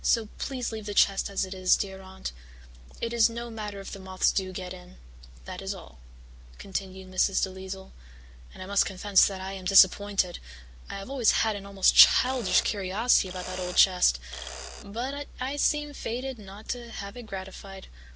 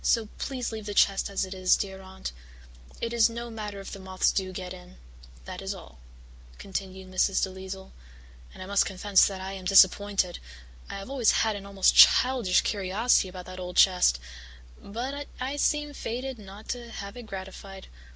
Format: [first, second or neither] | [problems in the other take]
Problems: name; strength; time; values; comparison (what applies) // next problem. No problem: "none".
second | background sound (Mechanisms); 12 dB below the speech